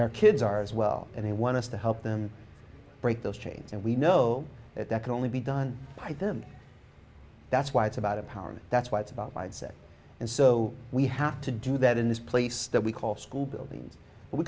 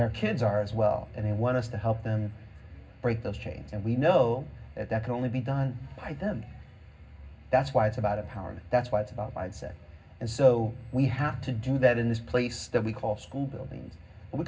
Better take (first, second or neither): first